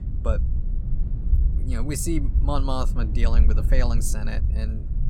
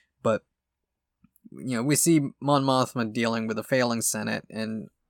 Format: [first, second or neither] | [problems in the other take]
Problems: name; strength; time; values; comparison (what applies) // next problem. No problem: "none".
second | low rumble; noticeable; throughout; 10 dB below the speech